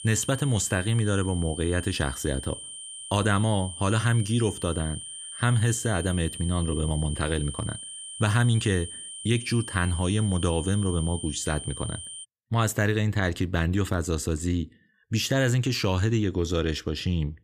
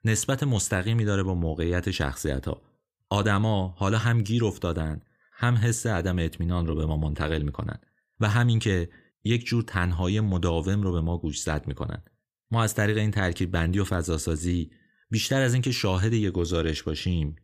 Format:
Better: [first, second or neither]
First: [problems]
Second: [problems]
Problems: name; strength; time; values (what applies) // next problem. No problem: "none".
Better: second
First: high-pitched whine; noticeable; until 12 s; 9 kHz, 10 dB below the speech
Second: none